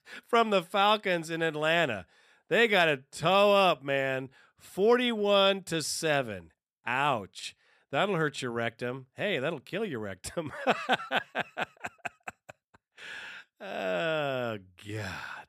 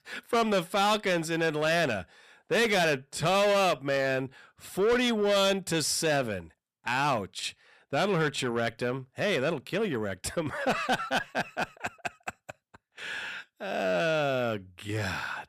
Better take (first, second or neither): first